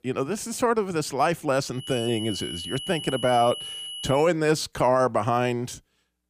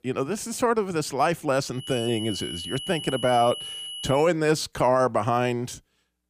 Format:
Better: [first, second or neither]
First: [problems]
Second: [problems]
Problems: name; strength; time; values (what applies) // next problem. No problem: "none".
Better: neither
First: high-pitched whine; loud; from 2 to 4 s; 3 kHz, 9 dB below the speech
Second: high-pitched whine; loud; from 2 to 4 s; 3 kHz, 9 dB below the speech